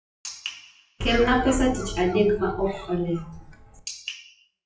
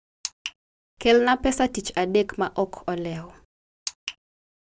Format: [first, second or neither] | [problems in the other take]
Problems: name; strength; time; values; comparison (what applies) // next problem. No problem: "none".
second | noise reduction (classical method WPE with log-MMSE)